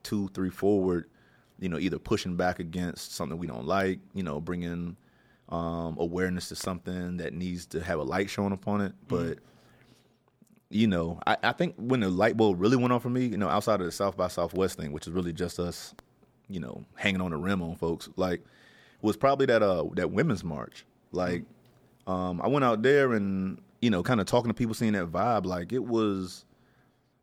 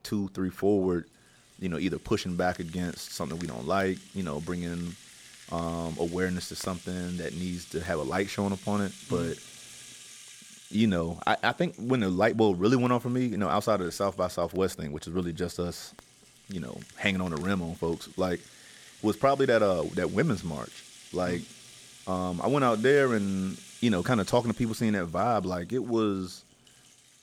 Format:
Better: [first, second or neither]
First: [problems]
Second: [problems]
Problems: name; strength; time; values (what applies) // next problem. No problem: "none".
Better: first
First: none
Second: background music; noticeable; throughout; 20 dB below the speech